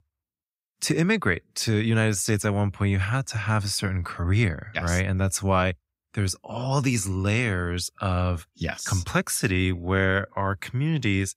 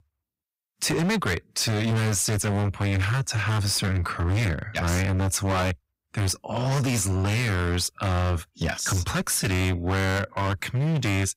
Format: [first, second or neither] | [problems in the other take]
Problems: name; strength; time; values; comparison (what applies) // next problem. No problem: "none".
first | distortion; heavy; 28% of the sound clipped